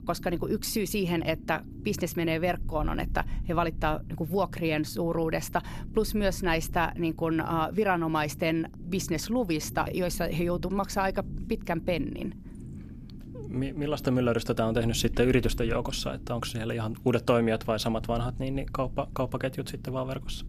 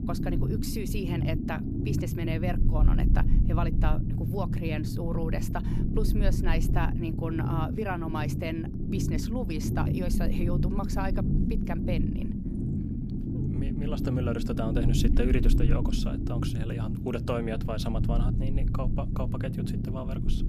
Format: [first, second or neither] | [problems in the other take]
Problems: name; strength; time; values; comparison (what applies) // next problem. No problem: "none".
first | low rumble; loud; throughout; 3 dB below the speech; faint in the first